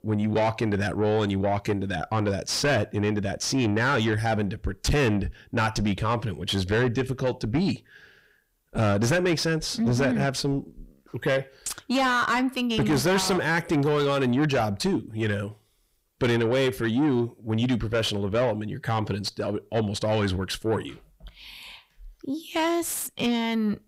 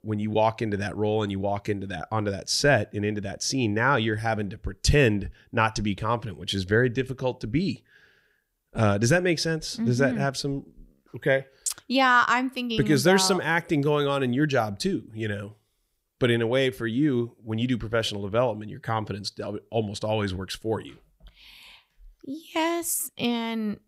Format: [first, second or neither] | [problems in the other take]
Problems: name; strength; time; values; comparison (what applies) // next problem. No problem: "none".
second | distortion; heavy; 8 dB below the speech